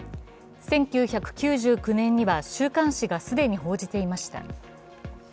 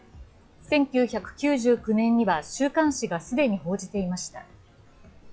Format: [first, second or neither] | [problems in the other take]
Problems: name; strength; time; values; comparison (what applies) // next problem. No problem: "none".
first | noise reduction (classical method log-MMSE)